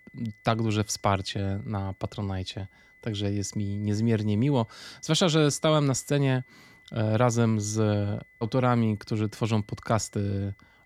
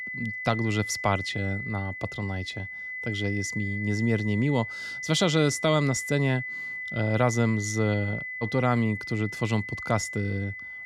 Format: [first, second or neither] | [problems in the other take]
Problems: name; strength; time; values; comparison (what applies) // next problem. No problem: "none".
first | high-pitched whine; loud; throughout; 2 kHz, 6 dB below the speech; faint in the first